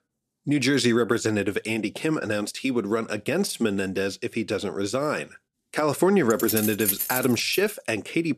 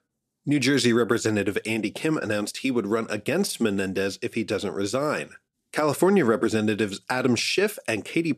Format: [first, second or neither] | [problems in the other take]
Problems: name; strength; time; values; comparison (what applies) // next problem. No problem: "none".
second | jangling keys; loud; from 6.5 to 7.5 s; peak 1 dB above the speech